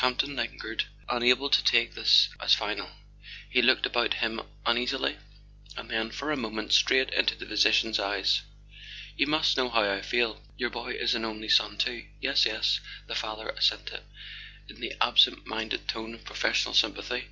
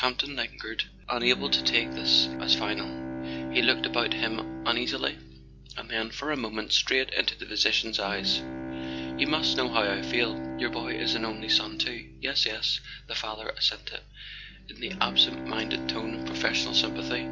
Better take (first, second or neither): first